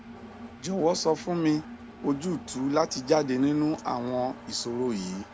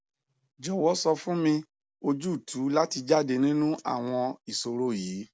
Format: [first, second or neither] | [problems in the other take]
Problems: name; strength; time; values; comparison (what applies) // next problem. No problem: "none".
second | background sound (Engine); 16 dB below the speech